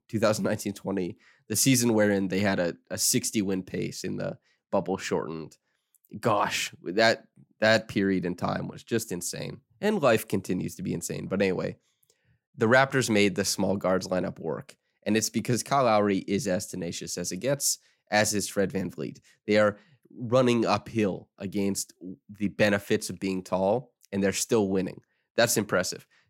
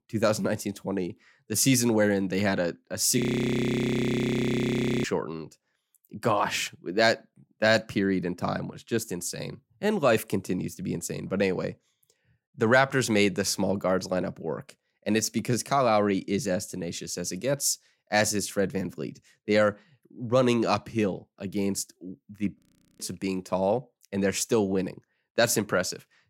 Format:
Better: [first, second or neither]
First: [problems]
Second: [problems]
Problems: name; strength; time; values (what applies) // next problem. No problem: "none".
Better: first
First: none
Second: audio freezing; at 3 s for 2 s and at 23 s